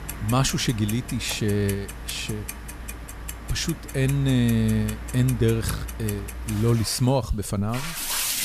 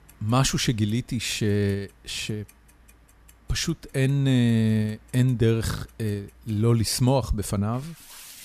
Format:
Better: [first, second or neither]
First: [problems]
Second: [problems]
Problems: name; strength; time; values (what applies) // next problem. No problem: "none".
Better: second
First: household noises; loud; throughout; 9 dB below the speech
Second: household noises; faint; throughout; 25 dB below the speech